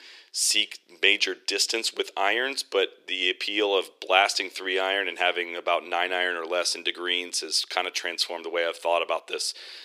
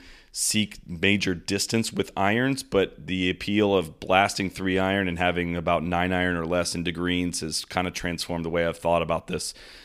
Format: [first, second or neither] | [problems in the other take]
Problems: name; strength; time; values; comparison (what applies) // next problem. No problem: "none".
second | thin; very; fading below 350 Hz